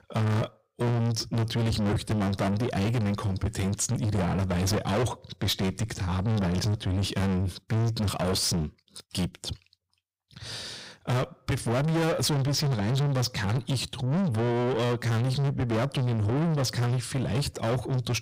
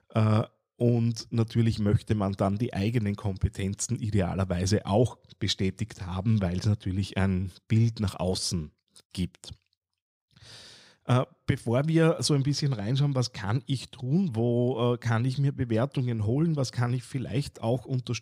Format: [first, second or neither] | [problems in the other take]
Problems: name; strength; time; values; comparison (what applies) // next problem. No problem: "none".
second | distortion; heavy; 5 dB below the speech